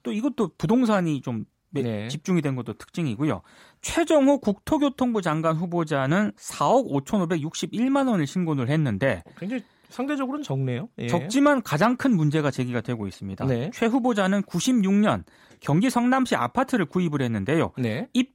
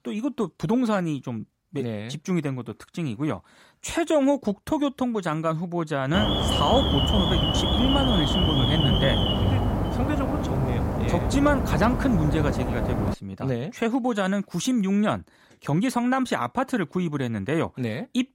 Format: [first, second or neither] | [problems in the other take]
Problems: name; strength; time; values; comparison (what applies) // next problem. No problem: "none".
first | alarm; loud; from 6 to 13 s; peak 4 dB above the speech